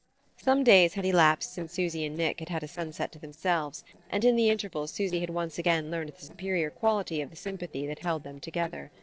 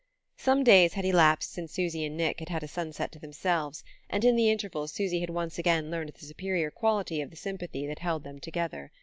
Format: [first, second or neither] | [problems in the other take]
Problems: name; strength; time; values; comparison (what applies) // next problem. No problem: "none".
second | noise reduction (neural separator model SepFormer DNS4)